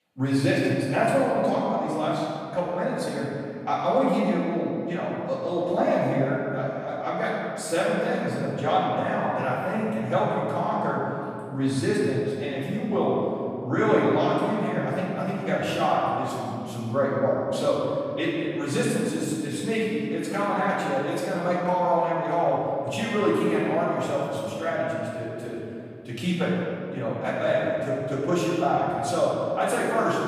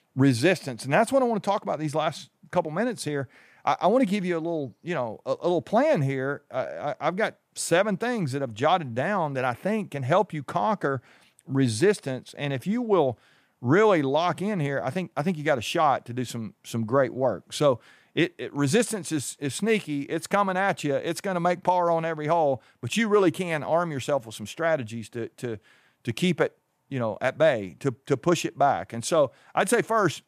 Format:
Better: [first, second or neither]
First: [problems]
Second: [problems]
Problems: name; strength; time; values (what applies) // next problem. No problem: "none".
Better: second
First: off-mic speech; far // room echo; strong; dies away in 2.2 s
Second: none